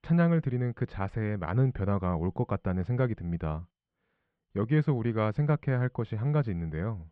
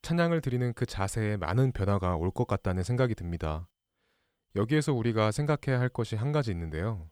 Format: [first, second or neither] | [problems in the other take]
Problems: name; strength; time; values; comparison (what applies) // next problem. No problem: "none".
second | muffled; very; fading above 2.5 kHz